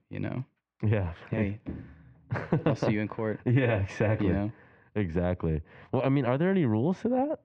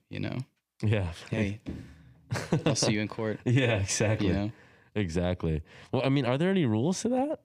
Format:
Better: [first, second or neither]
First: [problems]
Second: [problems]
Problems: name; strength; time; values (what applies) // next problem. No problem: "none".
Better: second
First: muffled; very; fading above 1.5 kHz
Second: none